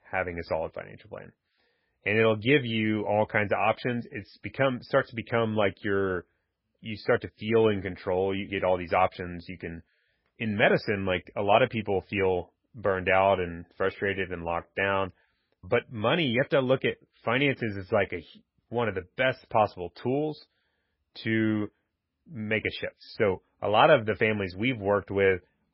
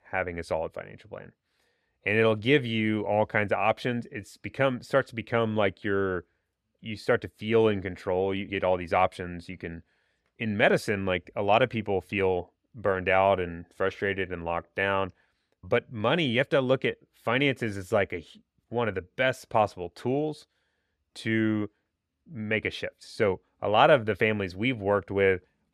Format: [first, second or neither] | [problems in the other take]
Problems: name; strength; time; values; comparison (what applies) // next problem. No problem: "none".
second | garbled, watery; badly; nothing above 5.5 kHz